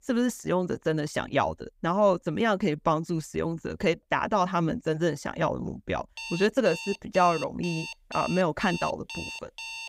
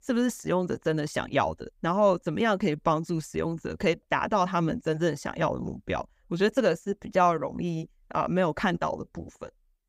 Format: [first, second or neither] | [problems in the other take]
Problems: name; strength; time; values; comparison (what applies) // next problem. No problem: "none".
second | alarm; noticeable; from 6 s on; peak 8 dB below the speech